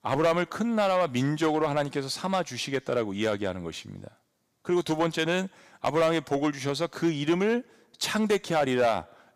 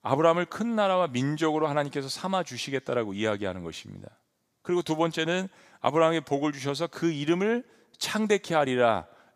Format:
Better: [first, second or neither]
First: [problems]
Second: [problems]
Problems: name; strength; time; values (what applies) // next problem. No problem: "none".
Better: second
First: distortion; slight; 4% of the sound clipped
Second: none